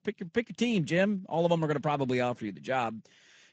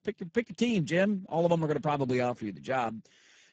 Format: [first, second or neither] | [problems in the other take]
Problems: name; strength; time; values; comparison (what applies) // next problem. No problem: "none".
first | garbled, watery; badly; nothing above 7.5 kHz; slightly in the first